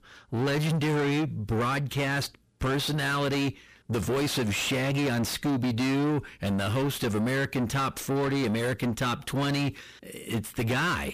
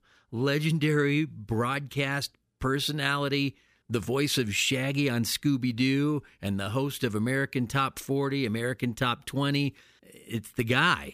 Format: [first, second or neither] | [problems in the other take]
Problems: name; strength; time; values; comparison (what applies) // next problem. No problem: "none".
second | distortion; heavy; 6 dB below the speech